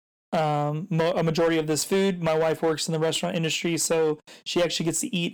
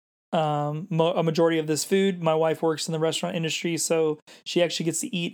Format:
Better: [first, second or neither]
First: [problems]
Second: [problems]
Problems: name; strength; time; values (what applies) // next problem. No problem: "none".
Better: second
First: distortion; slight; 9% of the sound clipped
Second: none